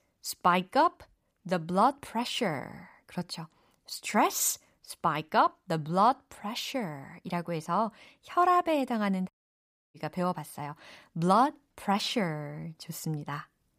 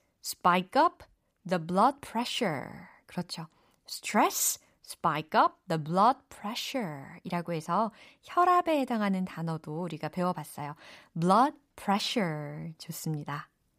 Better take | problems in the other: second | audio cutting out; at 9.5 s for 0.5 s

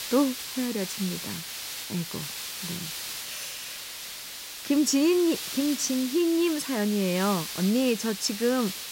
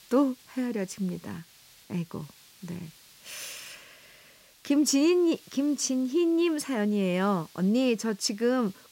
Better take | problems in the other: second | hiss; loud; throughout; 7 dB below the speech; faint in the second

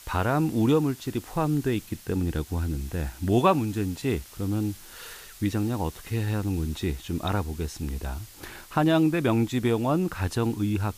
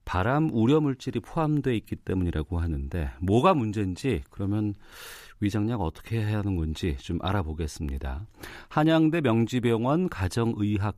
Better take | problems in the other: second | hiss; noticeable; throughout; 20 dB below the speech

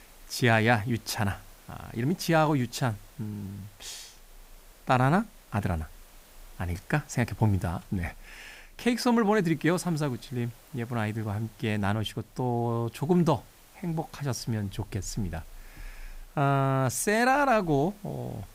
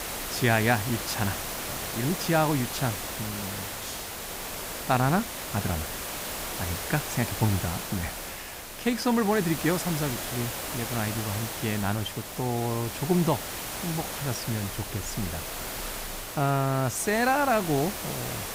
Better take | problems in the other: first | hiss; loud; throughout; 5 dB below the speech; faint in the first

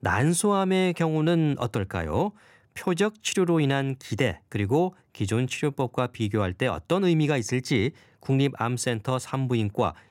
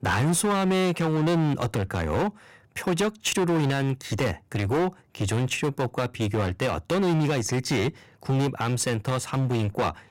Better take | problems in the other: first | distortion; heavy; 20% of the sound clipped

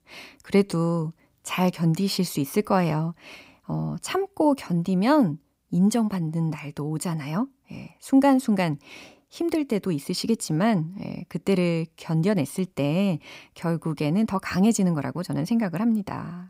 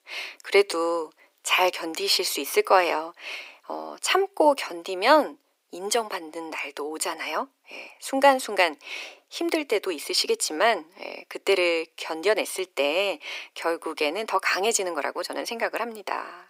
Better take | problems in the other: first | thin; very; fading below 350 Hz

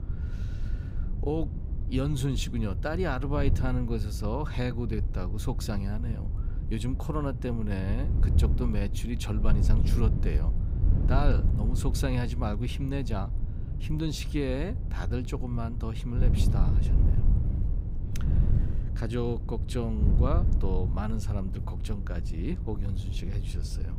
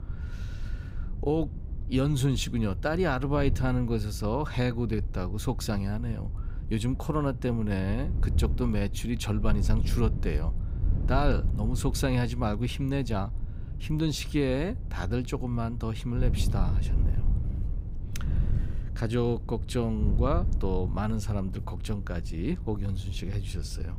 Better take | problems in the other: second | wind noise on the microphone; heavy; 8 dB below the speech; occasional gusts in the second

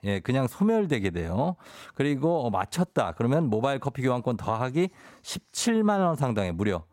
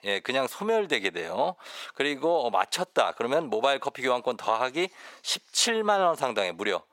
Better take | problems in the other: first | thin; very; fading below 500 Hz

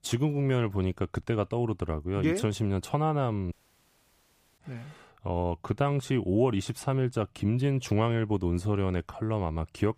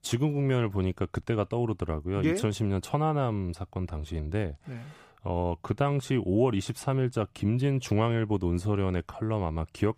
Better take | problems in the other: second | audio cutting out; at 3.5 s for 1 s

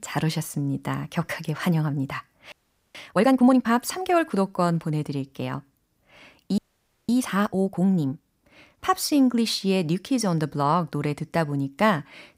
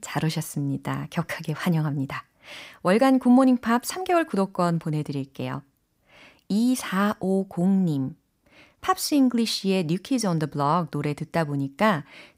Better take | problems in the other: second | audio freezing; at 2.5 s and at 6.5 s for 0.5 s

